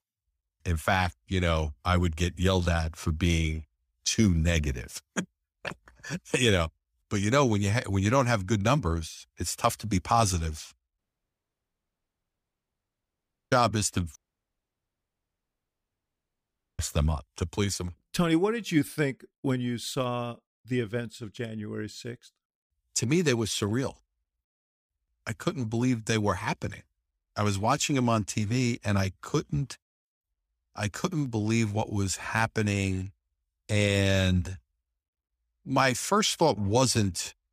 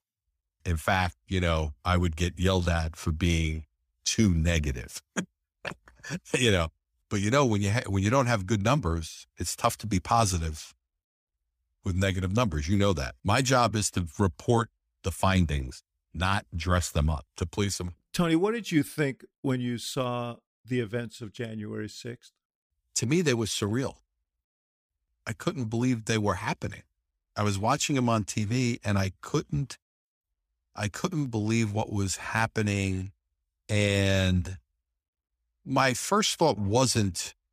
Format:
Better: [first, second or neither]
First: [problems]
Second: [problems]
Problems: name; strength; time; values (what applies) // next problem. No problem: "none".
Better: second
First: audio cutting out; at 11 s for 2.5 s and at 14 s for 2.5 s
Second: none